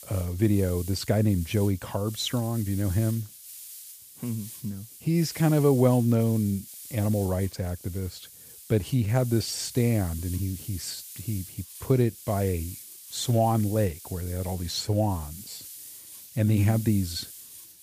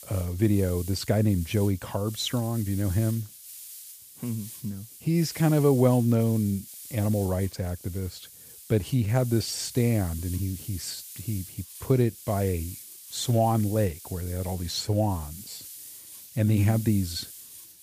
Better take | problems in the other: neither | hiss; noticeable; throughout; 15 dB below the speech; the same in both

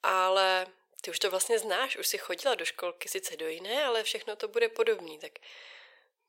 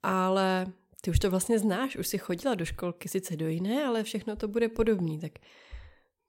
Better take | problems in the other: second | thin; very; fading below 500 Hz

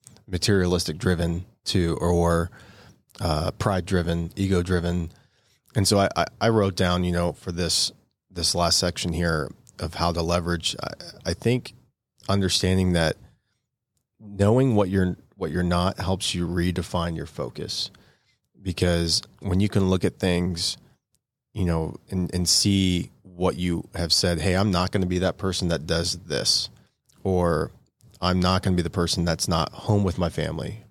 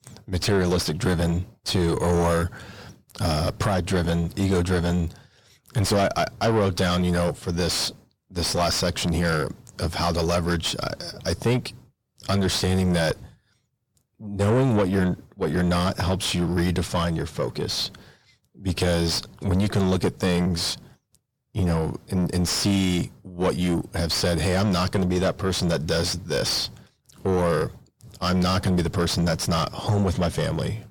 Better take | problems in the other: first | distortion; heavy; 5 dB below the speech

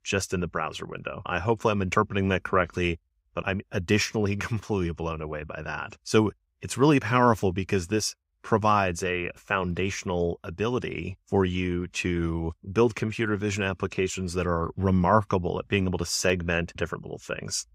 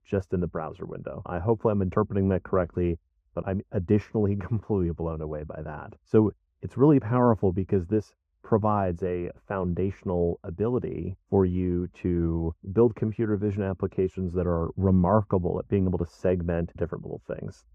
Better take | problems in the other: first | muffled; very; fading above 1.5 kHz

